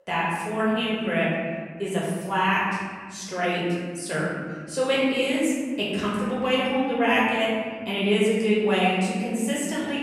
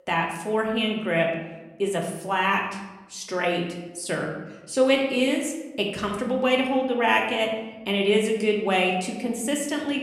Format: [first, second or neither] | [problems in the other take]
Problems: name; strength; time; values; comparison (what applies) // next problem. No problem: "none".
second | room echo; strong; dies away in 1.9 s; slight in the second // off-mic speech; far; somewhat distant in the second